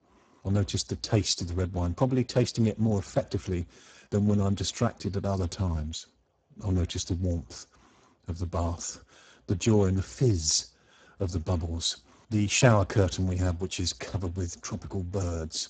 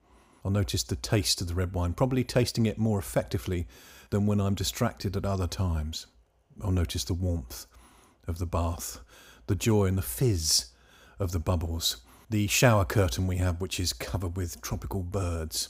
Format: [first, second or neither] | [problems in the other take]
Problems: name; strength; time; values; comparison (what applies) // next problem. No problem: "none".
second | garbled, watery; badly; nothing above 7.5 kHz